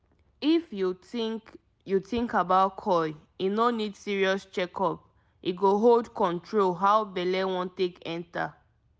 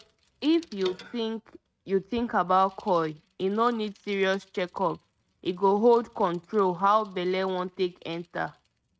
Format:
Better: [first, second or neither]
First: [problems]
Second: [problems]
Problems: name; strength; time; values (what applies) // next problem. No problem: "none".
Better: first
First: none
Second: noise reduction (neural mask model RNNoise)